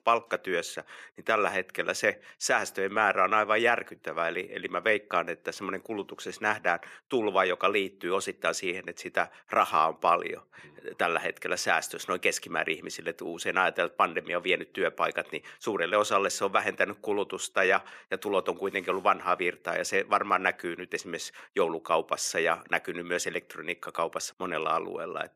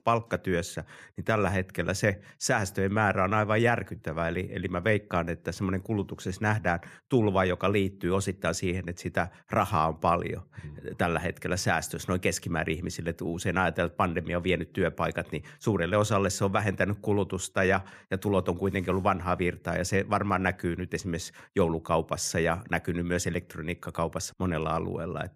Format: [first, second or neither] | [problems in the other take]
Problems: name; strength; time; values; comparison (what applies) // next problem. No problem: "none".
second | thin; somewhat; fading below 400 Hz